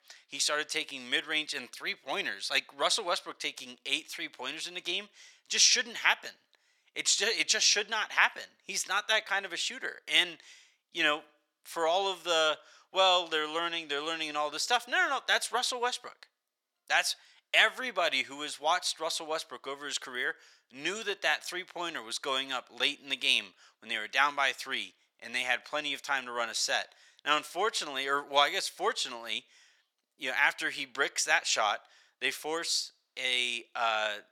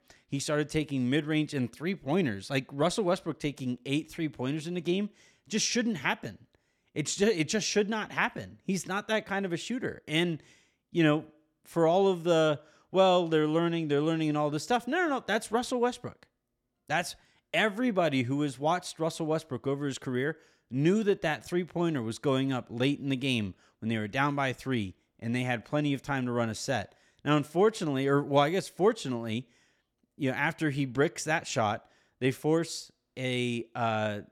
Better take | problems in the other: second | thin; very; fading below 950 Hz

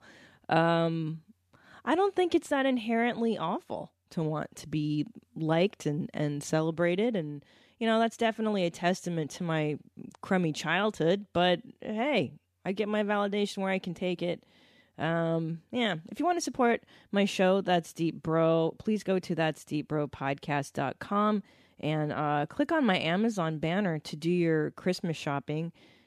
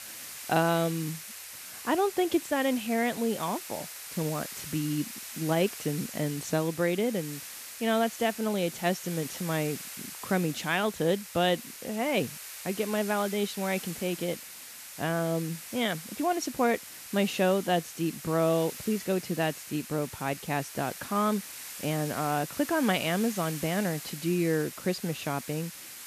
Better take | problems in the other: first | hiss; loud; throughout; 10 dB below the speech

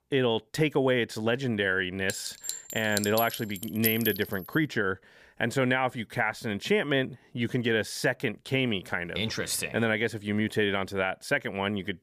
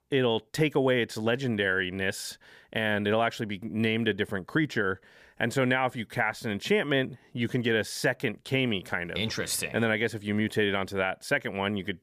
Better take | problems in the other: second | clattering dishes; noticeable; from 2 to 4.5 s; peak 1 dB below the speech

